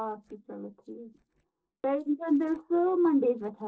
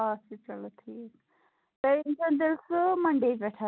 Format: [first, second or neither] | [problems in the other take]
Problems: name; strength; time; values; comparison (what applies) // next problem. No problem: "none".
second | noise reduction (neural separator model SepFormer DNS4)